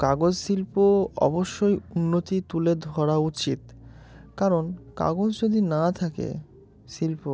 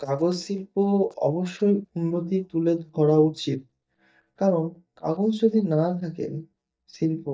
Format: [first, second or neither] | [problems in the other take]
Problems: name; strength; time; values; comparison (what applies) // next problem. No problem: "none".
first | noise reduction (neural mask model DeepFilterNet 3)